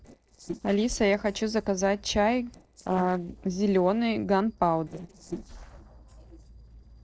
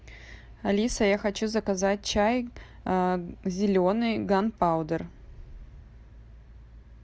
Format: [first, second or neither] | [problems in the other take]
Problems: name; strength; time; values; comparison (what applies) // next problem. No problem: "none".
second | noise reduction (neural separator model SepFormer DNS4)